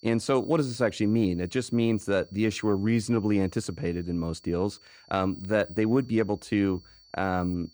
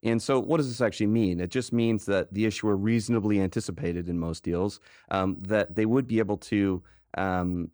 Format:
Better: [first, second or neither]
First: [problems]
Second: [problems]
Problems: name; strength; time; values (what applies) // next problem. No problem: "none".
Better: second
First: high-pitched whine; faint; throughout; 4.5 kHz, 30 dB below the speech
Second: none